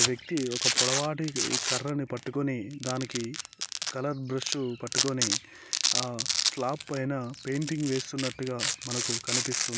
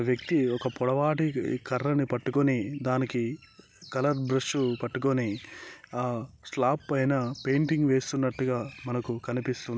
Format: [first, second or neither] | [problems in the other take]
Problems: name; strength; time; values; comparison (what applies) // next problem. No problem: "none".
second | background sound (Domestic sounds, home sounds); 1 dB above the speech